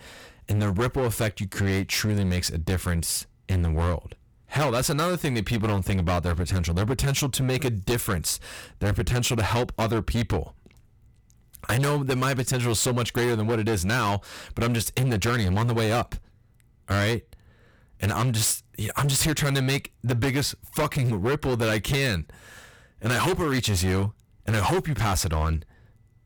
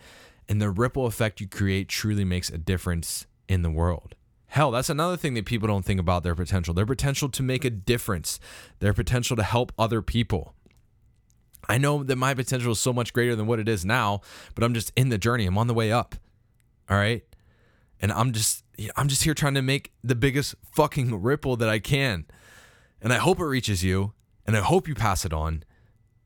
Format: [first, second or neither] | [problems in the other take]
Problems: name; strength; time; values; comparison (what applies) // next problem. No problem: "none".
second | distortion; heavy; 19% of the sound clipped